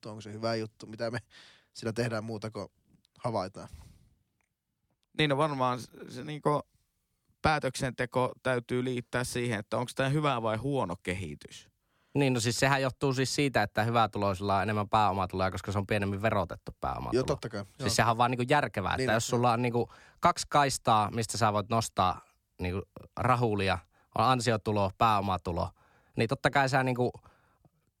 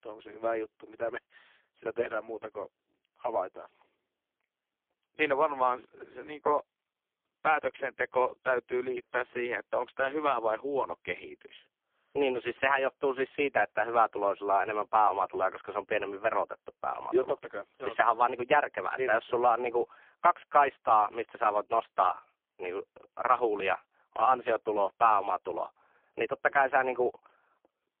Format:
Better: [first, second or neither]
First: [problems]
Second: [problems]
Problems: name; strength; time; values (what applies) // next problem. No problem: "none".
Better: first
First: none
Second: phone-call audio; poor line